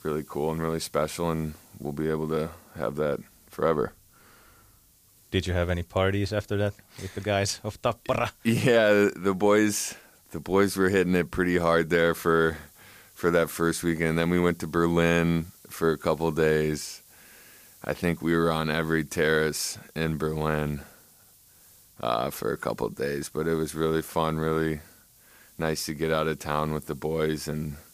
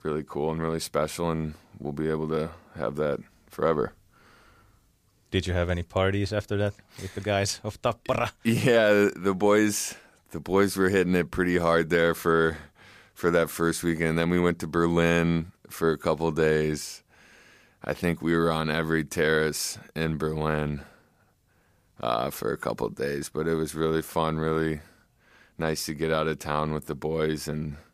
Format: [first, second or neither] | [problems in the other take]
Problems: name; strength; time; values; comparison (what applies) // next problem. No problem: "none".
second | hiss; faint; throughout; 25 dB below the speech